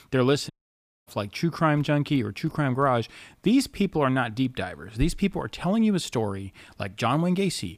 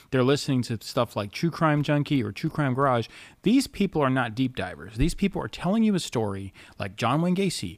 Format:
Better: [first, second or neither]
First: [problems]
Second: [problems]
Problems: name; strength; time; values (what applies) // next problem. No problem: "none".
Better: second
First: audio cutting out; at 0.5 s for 0.5 s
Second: none